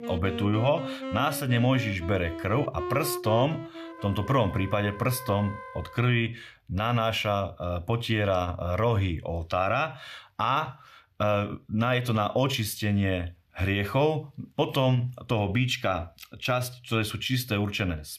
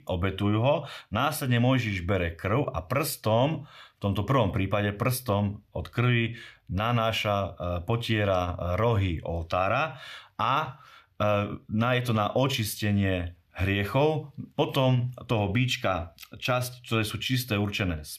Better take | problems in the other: second | background music; loud; until 6 s; 10 dB below the speech

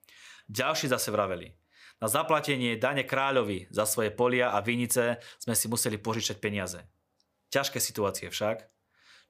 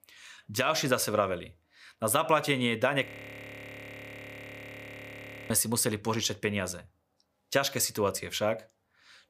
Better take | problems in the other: first | audio freezing; at 3 s for 2.5 s

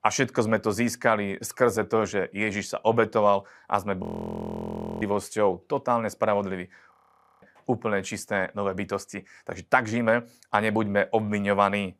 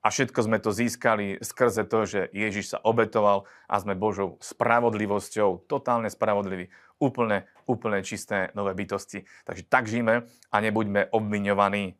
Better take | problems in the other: second | audio freezing; at 4 s for 1 s and at 7 s

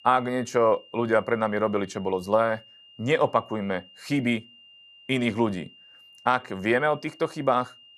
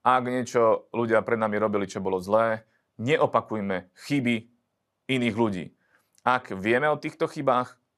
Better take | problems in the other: second | high-pitched whine; faint; throughout; 3 kHz, 25 dB below the speech

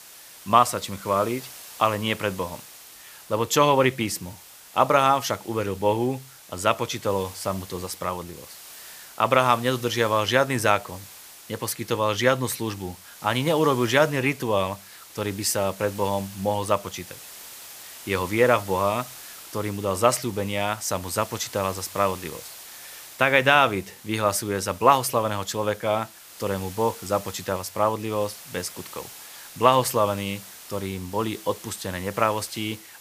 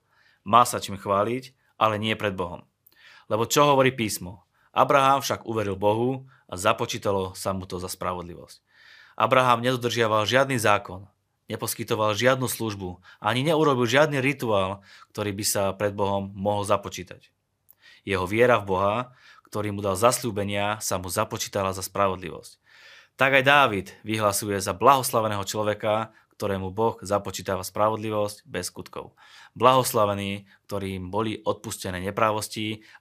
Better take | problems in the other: second | hiss; noticeable; throughout; 15 dB below the speech

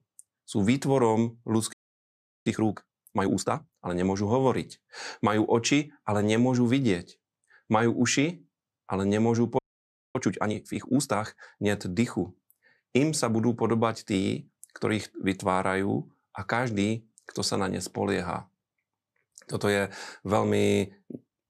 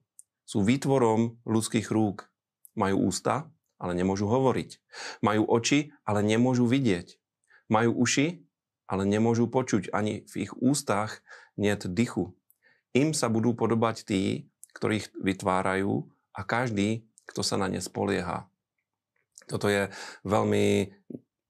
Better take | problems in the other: second | audio freezing; at 1.5 s for 0.5 s and at 9.5 s for 0.5 s

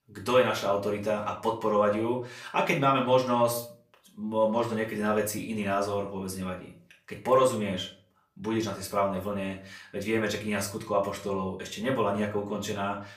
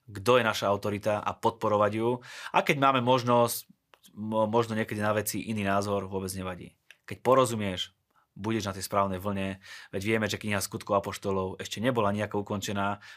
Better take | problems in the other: second | off-mic speech; far // room echo; slight; dies away in 0.3 s

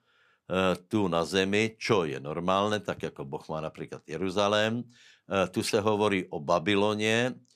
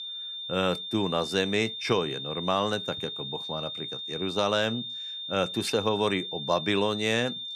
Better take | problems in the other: first | high-pitched whine; loud; throughout; 3.5 kHz, 5 dB below the speech

